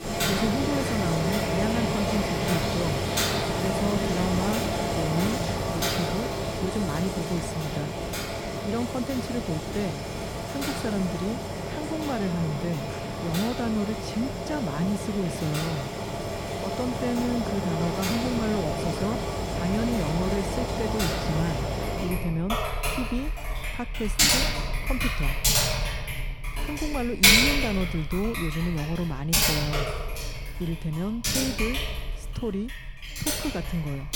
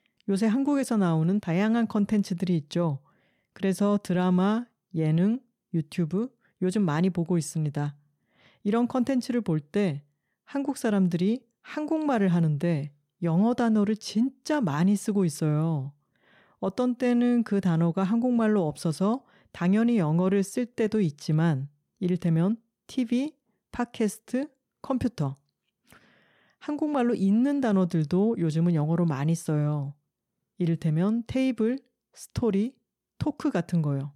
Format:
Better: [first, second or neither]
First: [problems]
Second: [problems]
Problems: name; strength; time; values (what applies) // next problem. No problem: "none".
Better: second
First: household noises; very loud; throughout; 3 dB above the speech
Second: none